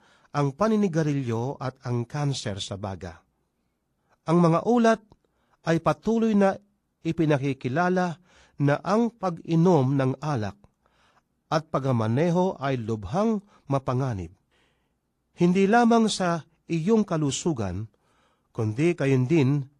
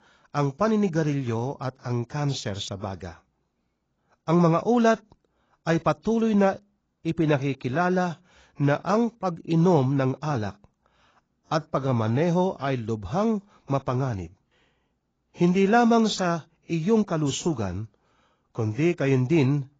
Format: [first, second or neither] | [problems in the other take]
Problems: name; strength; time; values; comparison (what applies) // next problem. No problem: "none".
first | garbled, watery; badly; nothing above 7.5 kHz; slightly in the first